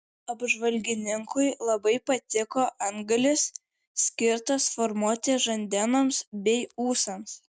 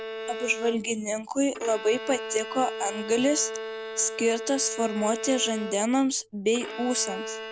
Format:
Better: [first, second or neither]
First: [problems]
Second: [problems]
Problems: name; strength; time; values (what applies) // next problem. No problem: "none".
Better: first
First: none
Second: background sound (Bowed string instrument); 9 dB below the speech